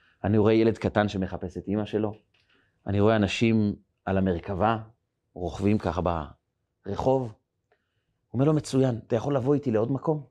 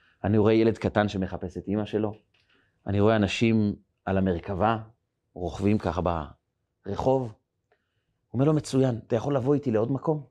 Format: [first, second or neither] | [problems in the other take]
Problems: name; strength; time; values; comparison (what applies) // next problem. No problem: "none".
neither | none